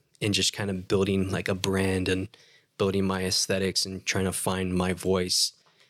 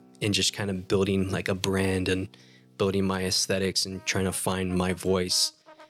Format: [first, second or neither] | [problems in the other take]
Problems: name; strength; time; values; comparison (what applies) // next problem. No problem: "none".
first | background music; faint; throughout; 30 dB below the speech